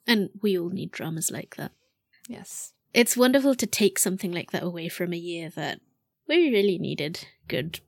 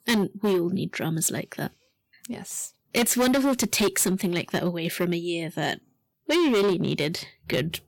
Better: first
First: none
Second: distortion; heavy; 10% of the sound clipped

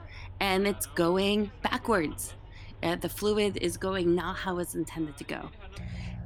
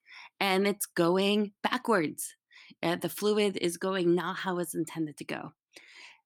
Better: second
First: traffic noise; noticeable; throughout; 15 dB below the speech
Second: none

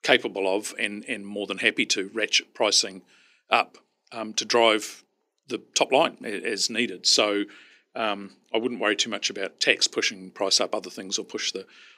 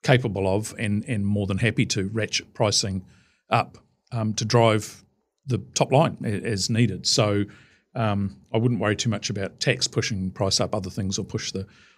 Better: second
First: thin; somewhat; fading below 300 Hz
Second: none

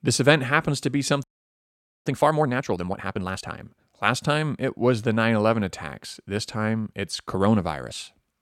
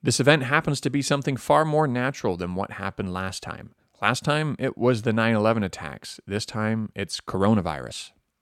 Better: second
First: audio freezing; at 1 s for 1 s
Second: none

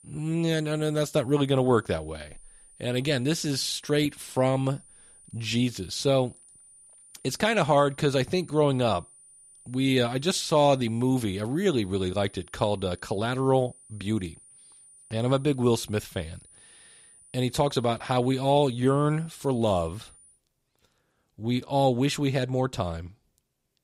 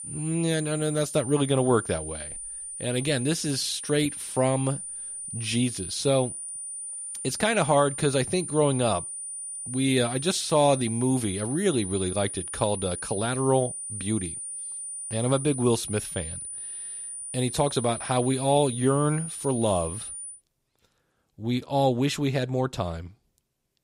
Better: first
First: high-pitched whine; faint; until 20 s; 9.5 kHz, 25 dB below the speech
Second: high-pitched whine; loud; until 20 s; 9.5 kHz, 7 dB below the speech

